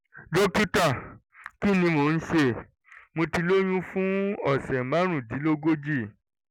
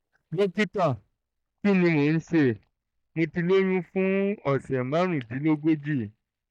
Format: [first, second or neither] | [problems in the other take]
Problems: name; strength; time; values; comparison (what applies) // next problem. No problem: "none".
first | noise reduction (neural mask model DeepFilterNet 3)